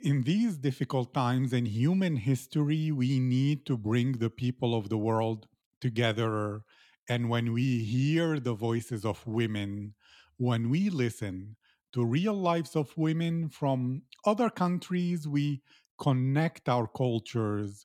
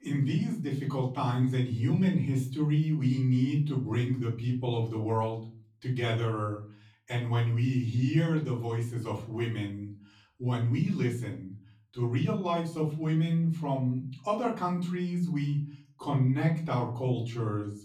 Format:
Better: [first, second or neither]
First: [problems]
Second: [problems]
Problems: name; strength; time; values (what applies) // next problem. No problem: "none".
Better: first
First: none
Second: off-mic speech; far // room echo; slight; dies away in 0.5 s